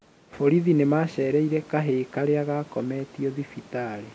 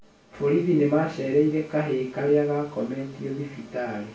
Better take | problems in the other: first | room echo; dies away in 0.3 s

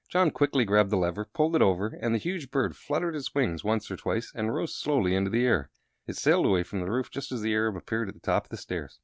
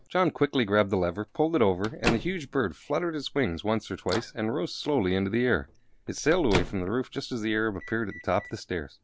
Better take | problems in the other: first | background sound (Microwave oven); 11 dB below the speech

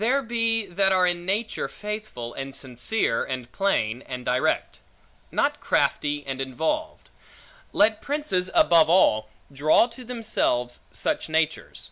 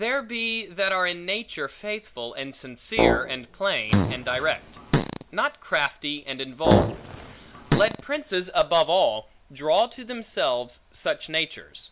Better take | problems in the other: first | background sound (Brass instrument + Fart); 2 dB above the speech

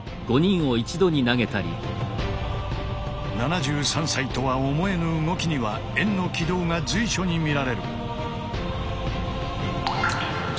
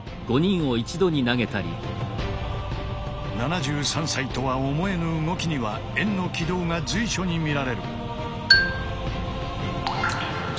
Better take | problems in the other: first | background sound (Marimba, xylophone); as loud as the speech

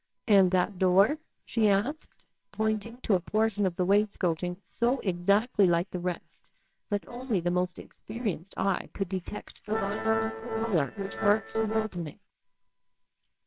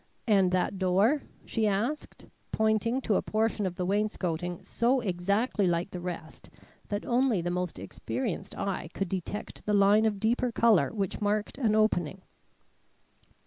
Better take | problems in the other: second | noise reduction (neural separator model SepFormer WHAMR!)

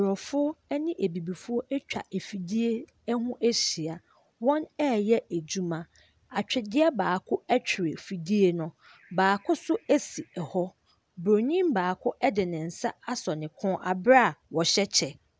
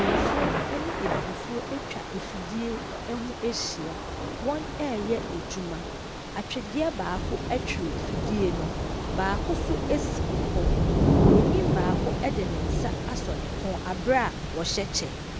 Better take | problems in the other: first | background sound (Thunder / Rain); 4 dB above the speech

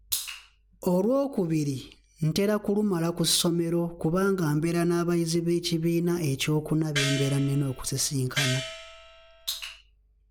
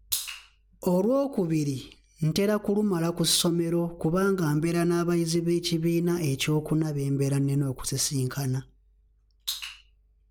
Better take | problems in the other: second | background sound (Gong); 8 dB below the speech

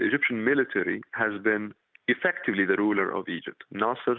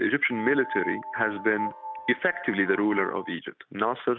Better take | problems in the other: first | background sound (Piano); 10 dB below the speech

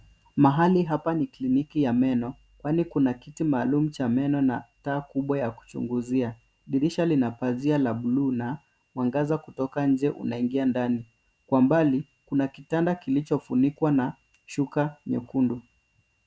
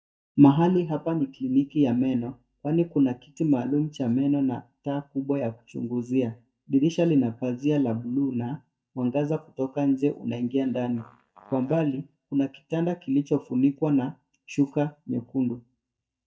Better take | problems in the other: first | noise reduction (neural mask model DeepFilterNet 3)

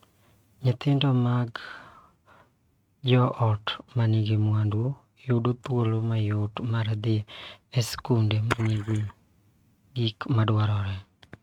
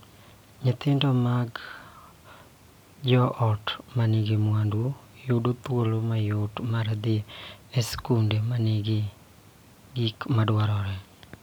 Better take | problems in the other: second | noise reduction (neural mask model RNNoise)

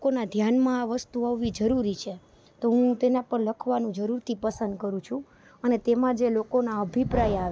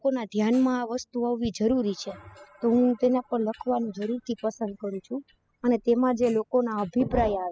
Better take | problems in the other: first | noise reduction (classical method spectral subtraction)

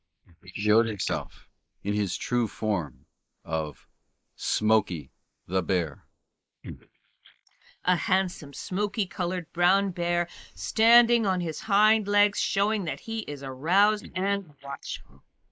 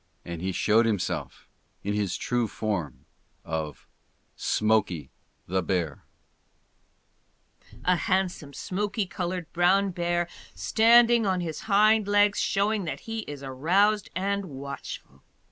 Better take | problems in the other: second | noise reduction (neural mask model Resemble Enhance denoiser)

